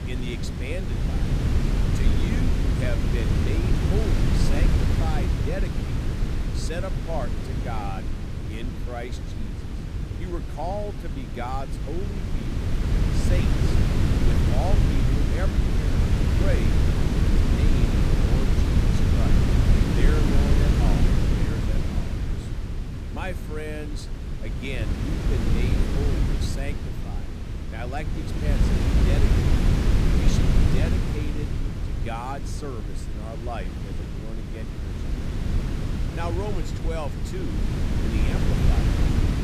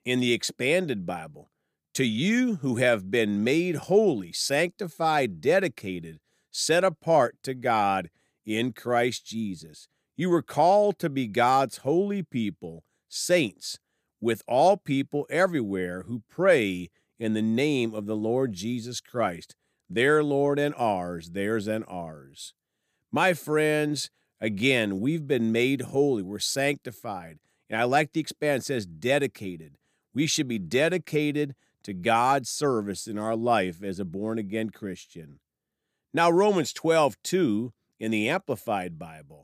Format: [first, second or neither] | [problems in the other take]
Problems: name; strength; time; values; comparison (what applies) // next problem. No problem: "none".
second | wind noise on the microphone; heavy; 2 dB above the speech